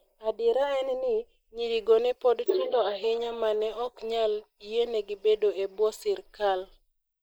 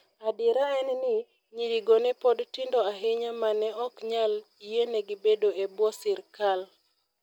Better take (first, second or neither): second